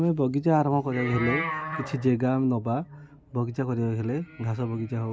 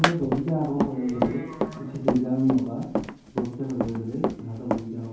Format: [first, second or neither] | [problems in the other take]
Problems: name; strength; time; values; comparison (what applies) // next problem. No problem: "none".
first | background sound (Run); 2 dB below the speech // room echo; dies away in 0.9 s